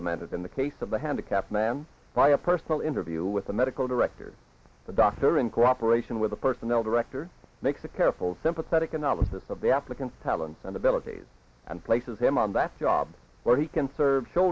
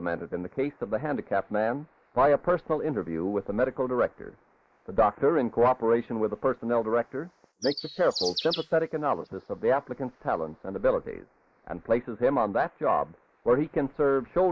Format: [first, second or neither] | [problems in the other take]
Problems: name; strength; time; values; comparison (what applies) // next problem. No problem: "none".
first | noise reduction (neural mask model Resemble Enhance denoiser)